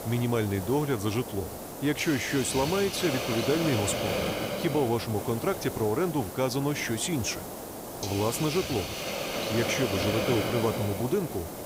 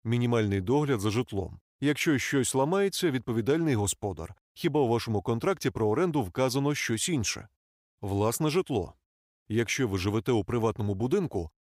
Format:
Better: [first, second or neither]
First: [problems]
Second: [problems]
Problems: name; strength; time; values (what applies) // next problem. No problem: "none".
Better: second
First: hiss; loud; throughout; 4 dB below the speech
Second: none